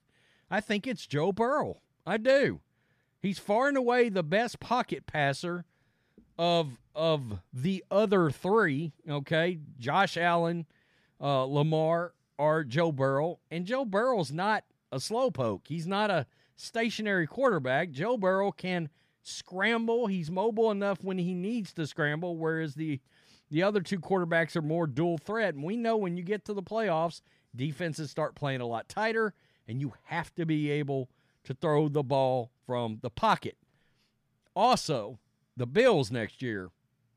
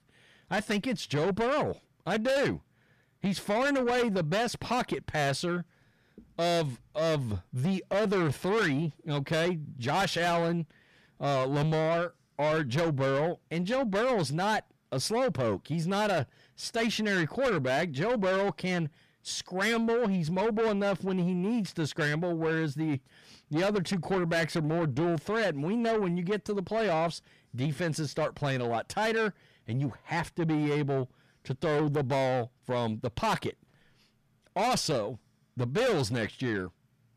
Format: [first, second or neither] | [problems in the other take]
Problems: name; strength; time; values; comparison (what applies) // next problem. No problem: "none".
first | distortion; heavy; 7 dB below the speech